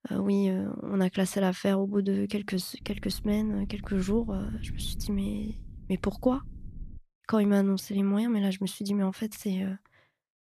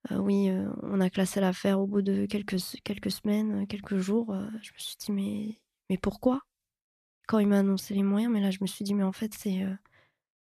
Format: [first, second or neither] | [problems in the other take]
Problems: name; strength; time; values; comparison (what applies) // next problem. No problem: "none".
second | low rumble; faint; from 3 to 7 s; 25 dB below the speech